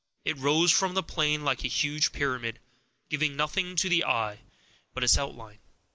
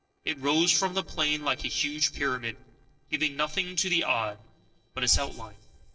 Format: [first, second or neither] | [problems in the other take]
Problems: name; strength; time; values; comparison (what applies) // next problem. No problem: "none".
first | noise reduction (neural separator model SepFormer DNS4)